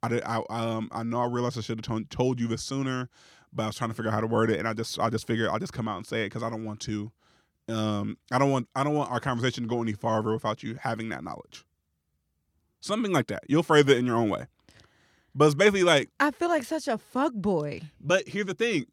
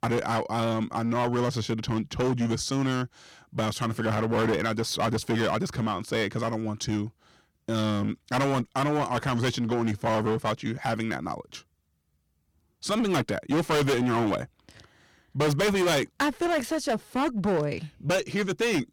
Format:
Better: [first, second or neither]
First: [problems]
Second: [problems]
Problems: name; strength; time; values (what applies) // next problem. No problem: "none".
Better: first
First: none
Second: distortion; heavy; 15% of the sound clipped